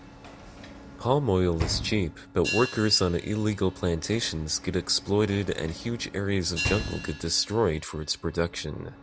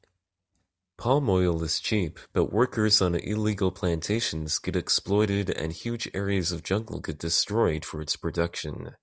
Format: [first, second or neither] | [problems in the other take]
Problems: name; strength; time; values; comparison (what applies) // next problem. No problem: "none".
second | background sound (Hi-hat + Sliding door / Slam); 11 dB below the speech